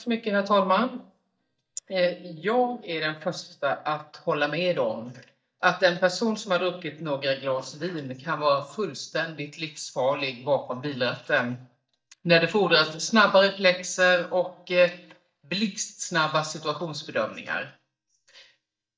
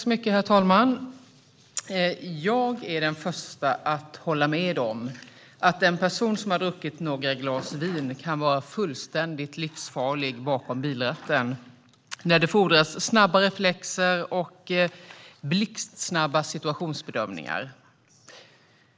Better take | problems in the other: second | noise reduction (neural mask model DeepFilterNet 3)

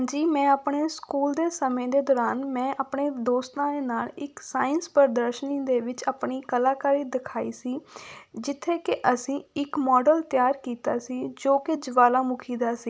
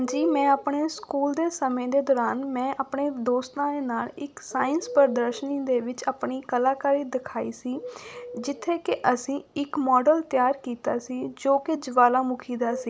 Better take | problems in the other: first | background sound (Bird); 17 dB below the speech

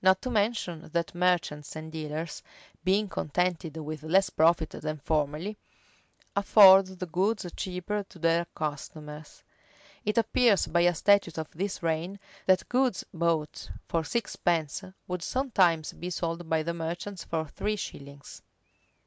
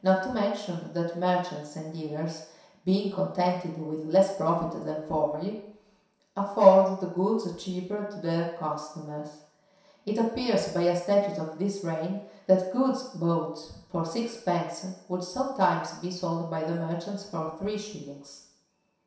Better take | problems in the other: first | room echo; dies away in 0.7 s

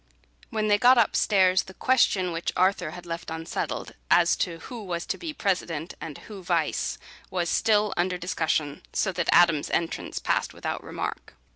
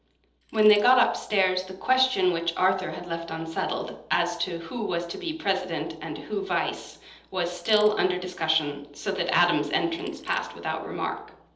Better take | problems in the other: first | noise reduction (neural separator model SepFormer DNS4)

